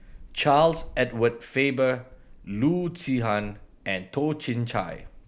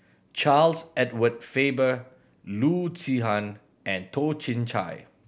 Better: second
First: background sound (Thunder / Rain); 19 dB below the speech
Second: none

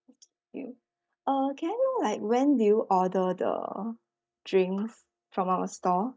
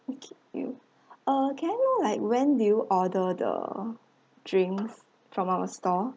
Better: second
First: noise reduction (neural mask model DeepFilterNet 3)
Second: none

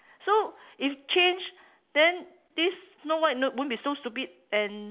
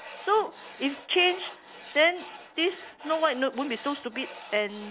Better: first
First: none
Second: background sound (Tools); 16 dB below the speech

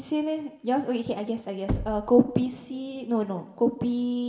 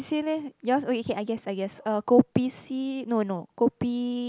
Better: second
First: background sound (Knock / Wood); 10 dB below the speech // room echo; dies away in 2.9 s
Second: none

